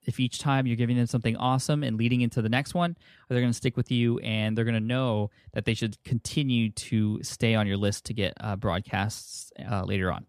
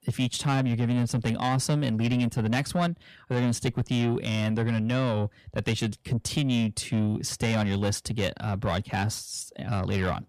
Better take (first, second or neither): first